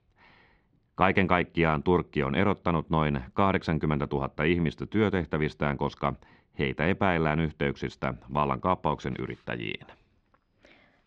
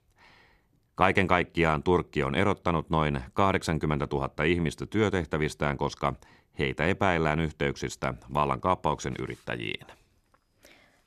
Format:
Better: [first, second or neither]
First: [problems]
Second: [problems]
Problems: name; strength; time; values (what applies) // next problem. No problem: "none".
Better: second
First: muffled; slightly; fading above 4 kHz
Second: none